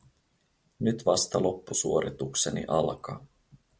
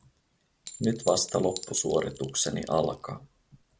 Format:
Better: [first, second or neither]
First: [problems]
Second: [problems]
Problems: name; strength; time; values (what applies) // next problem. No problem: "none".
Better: first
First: none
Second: background sound (Chink, clink); 15 dB below the speech